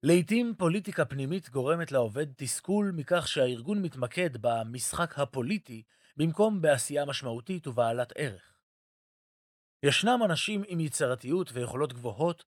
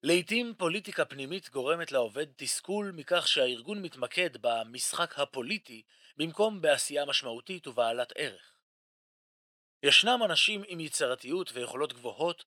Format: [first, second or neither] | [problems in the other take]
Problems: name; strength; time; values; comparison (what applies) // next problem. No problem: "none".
first | thin; somewhat; fading below 300 Hz